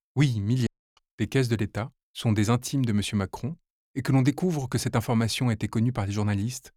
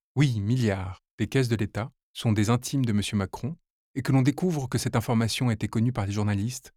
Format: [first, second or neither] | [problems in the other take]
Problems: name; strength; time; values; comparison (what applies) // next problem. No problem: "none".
second | audio cutting out; at 0.5 s